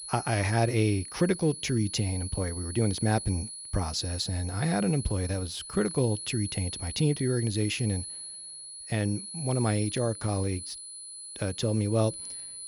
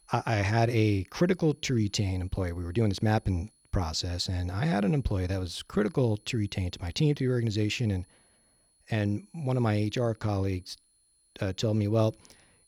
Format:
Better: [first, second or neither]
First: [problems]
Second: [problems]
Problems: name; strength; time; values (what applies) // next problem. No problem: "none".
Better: second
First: high-pitched whine; loud; throughout; 10 kHz, 9 dB below the speech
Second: high-pitched whine; faint; throughout; 10 kHz, 35 dB below the speech